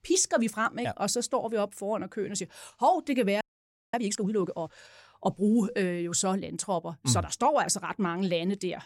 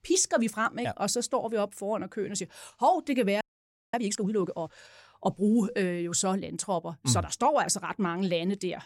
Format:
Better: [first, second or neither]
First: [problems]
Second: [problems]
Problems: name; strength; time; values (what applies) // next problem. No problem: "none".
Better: neither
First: audio freezing; at 3.5 s for 0.5 s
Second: audio freezing; at 3.5 s for 0.5 s